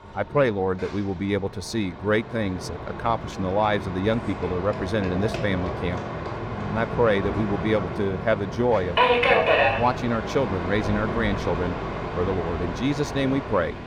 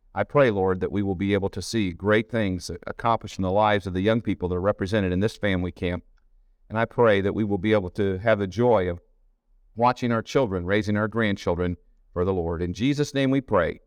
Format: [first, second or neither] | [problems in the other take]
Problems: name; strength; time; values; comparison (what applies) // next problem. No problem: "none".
second | train or aircraft noise; loud; throughout; 2 dB below the speech